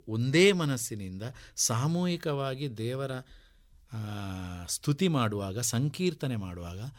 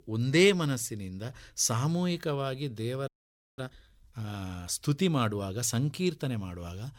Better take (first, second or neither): first